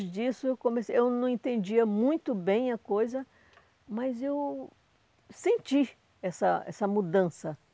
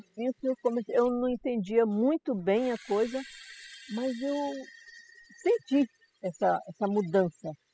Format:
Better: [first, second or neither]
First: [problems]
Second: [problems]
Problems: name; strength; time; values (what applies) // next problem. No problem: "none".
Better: first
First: none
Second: noise reduction (classical method spectral subtraction)